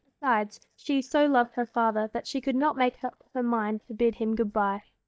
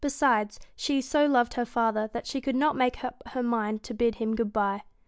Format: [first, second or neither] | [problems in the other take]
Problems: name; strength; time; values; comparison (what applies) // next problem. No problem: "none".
second | noise reduction (neural mask model DeepFilterNet 3)